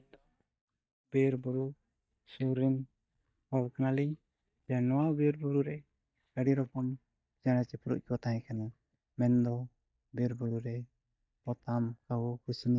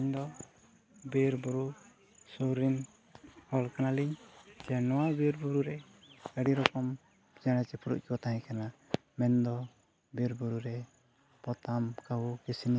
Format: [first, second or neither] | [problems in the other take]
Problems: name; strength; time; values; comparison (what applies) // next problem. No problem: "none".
second | noise reduction (neural mask model DeepFilterNet 3)